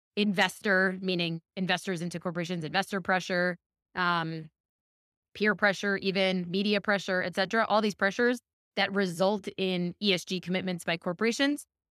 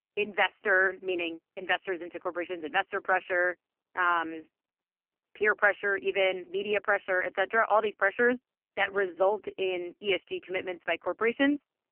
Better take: first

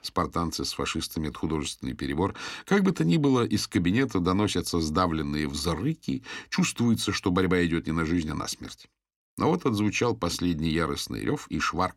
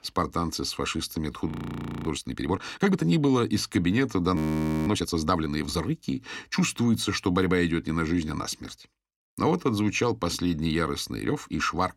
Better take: first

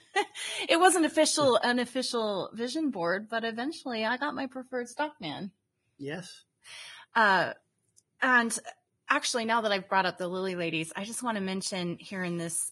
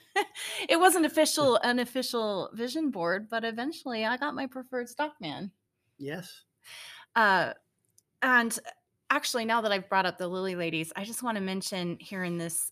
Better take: second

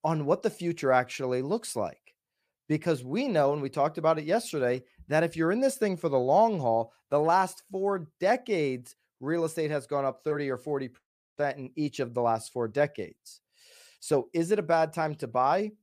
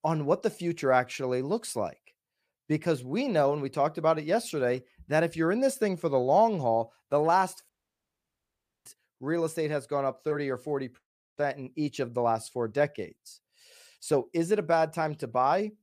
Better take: first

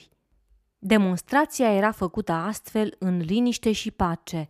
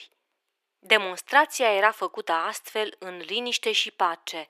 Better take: first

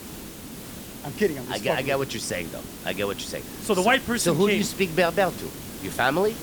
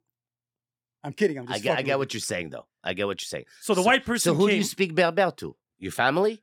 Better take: second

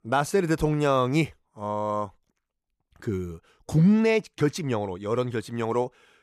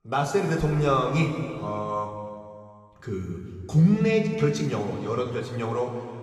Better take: first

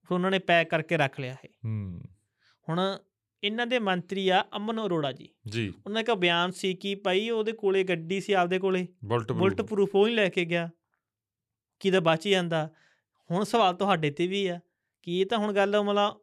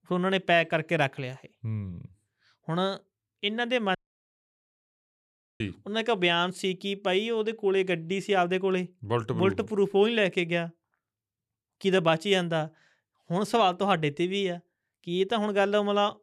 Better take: first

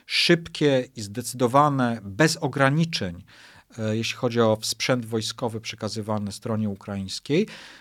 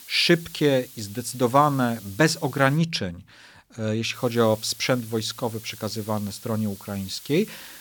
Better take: first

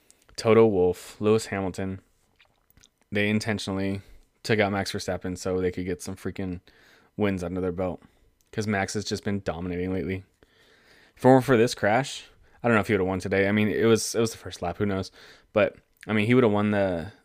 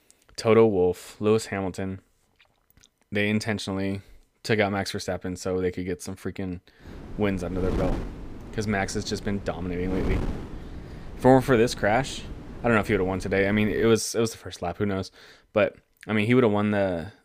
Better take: first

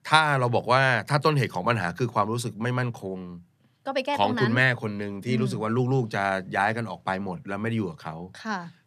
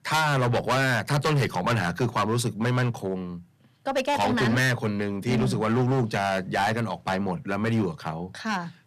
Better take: first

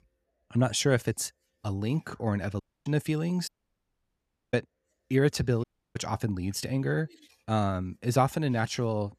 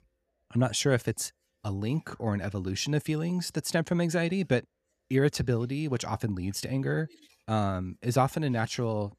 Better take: second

